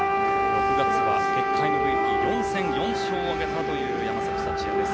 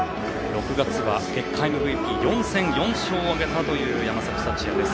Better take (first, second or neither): second